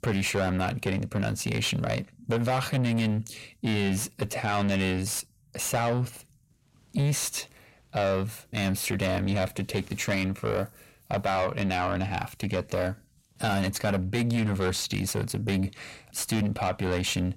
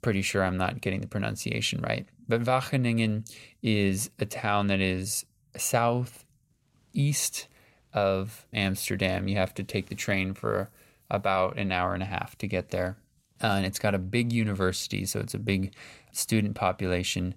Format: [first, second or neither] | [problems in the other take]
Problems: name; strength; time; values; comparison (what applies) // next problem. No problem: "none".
second | distortion; heavy; 7 dB below the speech